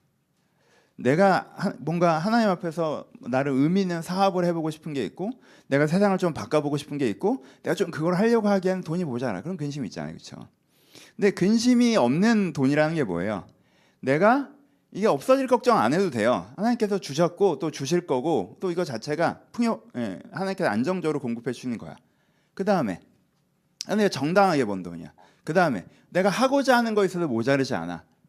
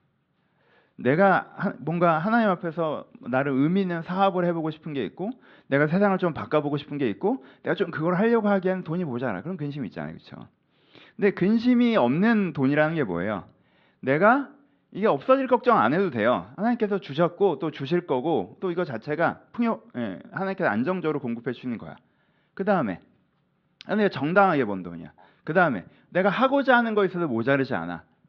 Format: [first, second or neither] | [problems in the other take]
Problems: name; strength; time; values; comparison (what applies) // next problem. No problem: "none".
first | muffled; very; fading above 3.5 kHz